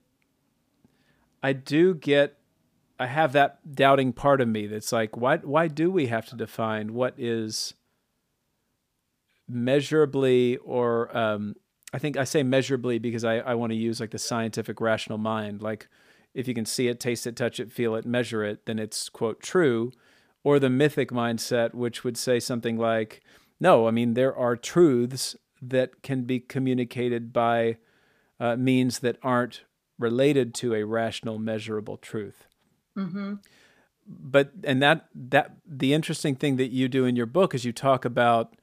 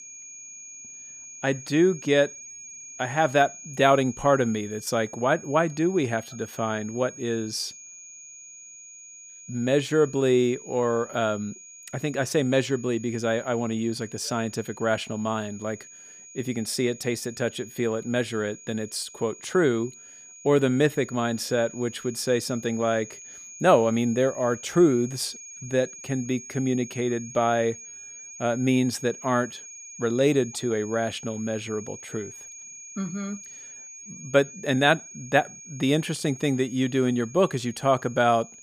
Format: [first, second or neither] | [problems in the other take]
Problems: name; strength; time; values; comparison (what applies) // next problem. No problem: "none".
first | high-pitched whine; noticeable; throughout; 6.5 kHz, 15 dB below the speech